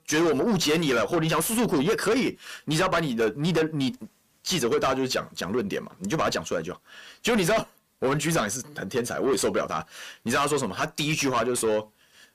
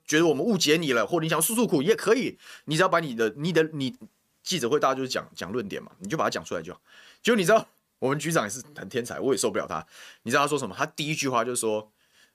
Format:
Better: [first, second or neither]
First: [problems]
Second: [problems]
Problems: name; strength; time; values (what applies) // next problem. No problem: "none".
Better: second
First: distortion; heavy; 6 dB below the speech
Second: none